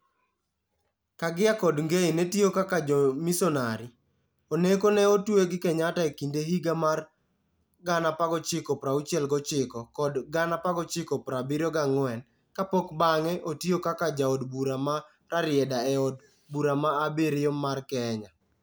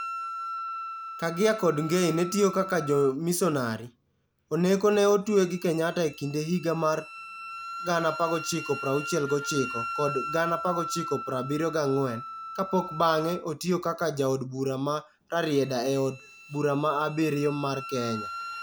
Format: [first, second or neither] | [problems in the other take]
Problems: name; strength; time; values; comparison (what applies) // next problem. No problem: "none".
first | background sound (Wind instrument, woodwind instrument); 11 dB below the speech